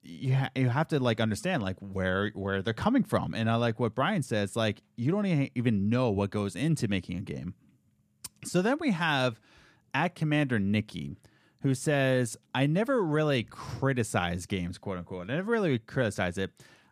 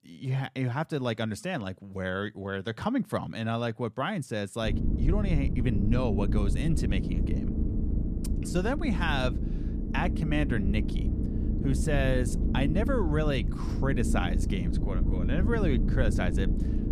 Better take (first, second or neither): first